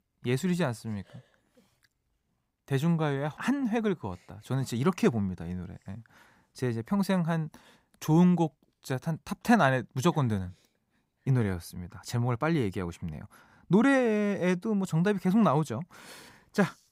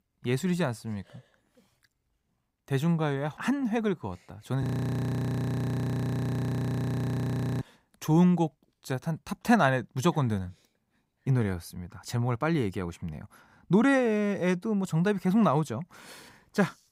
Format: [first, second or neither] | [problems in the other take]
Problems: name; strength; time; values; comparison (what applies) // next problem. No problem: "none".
first | audio freezing; at 4.5 s for 3 s